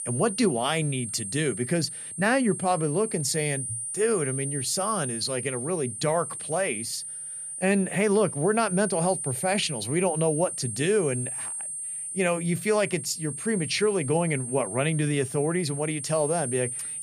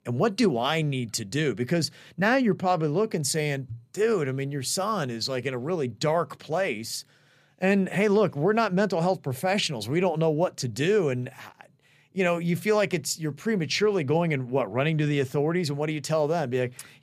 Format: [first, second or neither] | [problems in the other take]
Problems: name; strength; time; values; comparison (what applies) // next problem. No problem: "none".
second | high-pitched whine; loud; throughout; 8.5 kHz, 6 dB below the speech